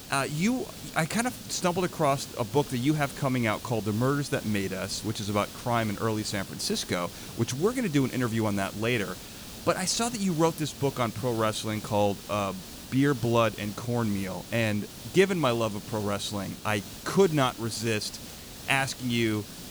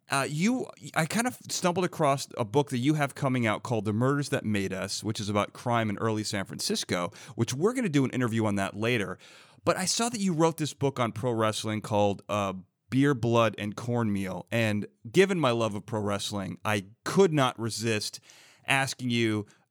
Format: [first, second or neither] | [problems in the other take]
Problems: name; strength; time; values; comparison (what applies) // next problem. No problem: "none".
second | hiss; noticeable; throughout; 15 dB below the speech